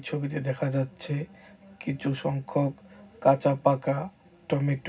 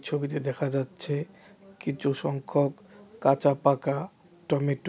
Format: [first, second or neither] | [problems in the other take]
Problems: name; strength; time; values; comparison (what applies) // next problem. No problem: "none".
second | room echo; dies away in 0.4 s